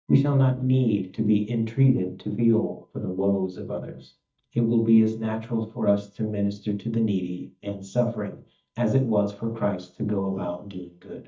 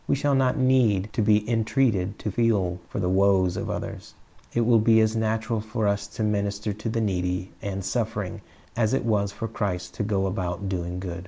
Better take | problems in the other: second | noise reduction (neural mask model DeepFilterNet 3)

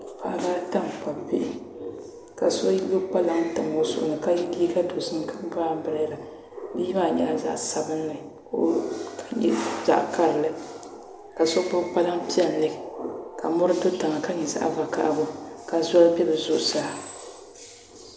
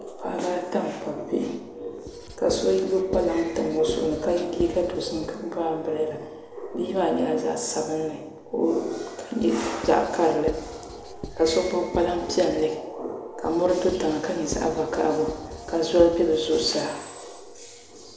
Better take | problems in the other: first | background sound (Writing); 14 dB below the speech // room echo; dies away in 0.6 s

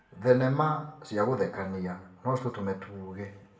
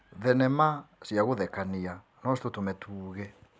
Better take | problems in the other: second | room echo; dies away in 0.6 s

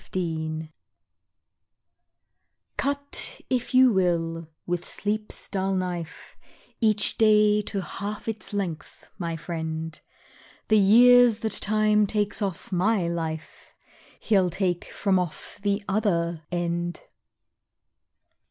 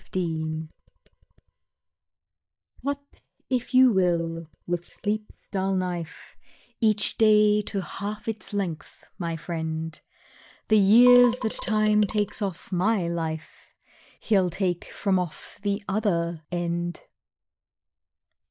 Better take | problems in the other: first | noise reduction (neural mask model DeepFilterNet 3)

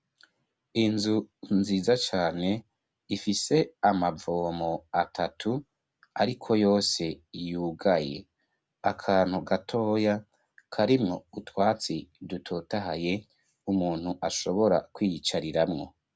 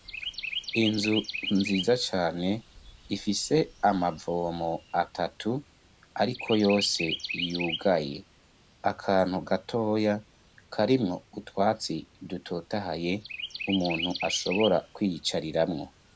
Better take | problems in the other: first | background sound (Chirp, tweet); 11 dB below the speech

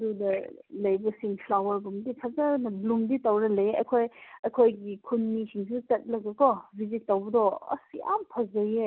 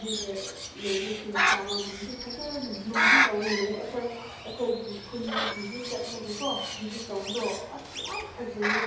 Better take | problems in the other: first | background sound (Bird); 3 dB above the speech // room echo; dies away in 0.8 s

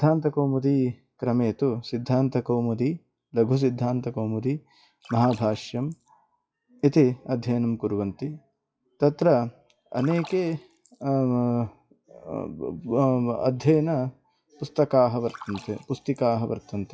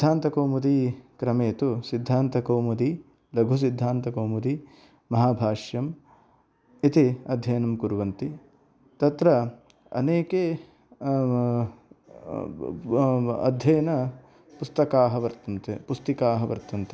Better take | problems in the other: second | noise reduction (classical method WPE with log-MMSE)

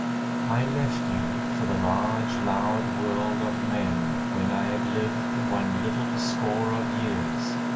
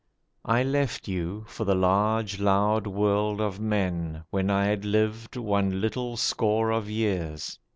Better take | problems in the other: second | background sound (Mechanisms); 3 dB above the speech // room echo; dies away in 0.2 s

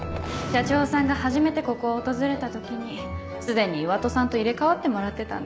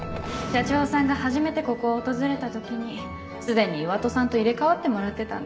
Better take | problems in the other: first | room echo; dies away in 1.4 s

